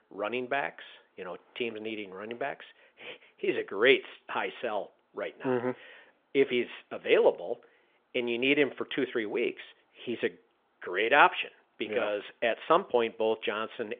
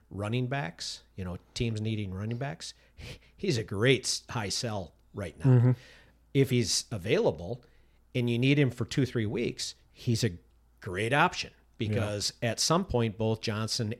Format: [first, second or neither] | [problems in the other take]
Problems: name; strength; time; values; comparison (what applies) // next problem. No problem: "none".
second | phone-call audio; nothing above 3.5 kHz